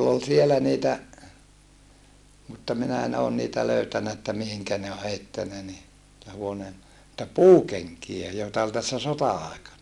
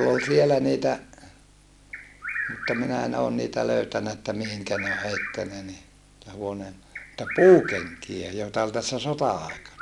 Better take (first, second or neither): first